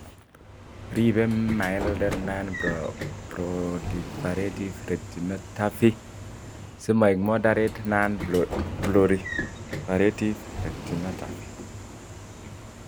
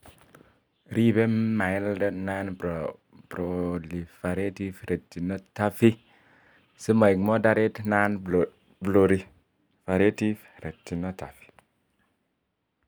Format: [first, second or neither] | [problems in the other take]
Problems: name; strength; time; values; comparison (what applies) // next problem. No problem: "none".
second | background sound (Sliding door / Train); 9 dB below the speech